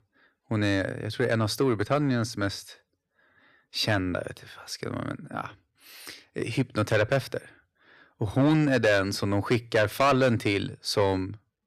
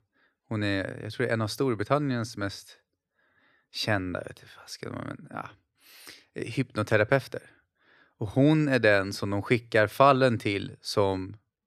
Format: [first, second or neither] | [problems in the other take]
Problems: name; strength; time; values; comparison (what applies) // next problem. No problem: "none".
second | distortion; heavy; 8 dB below the speech